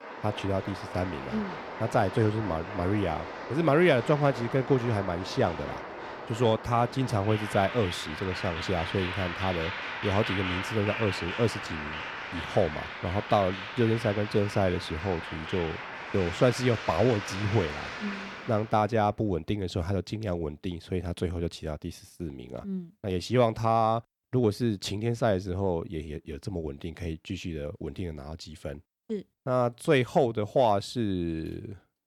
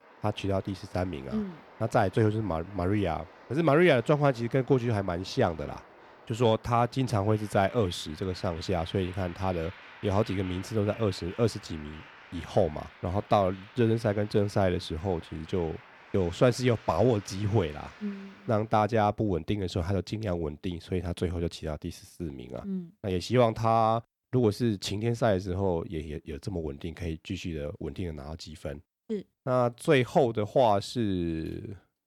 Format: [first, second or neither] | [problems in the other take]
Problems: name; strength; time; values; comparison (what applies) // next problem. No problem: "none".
second | crowd noise; loud; until 18 s; 7 dB below the speech; faint in the second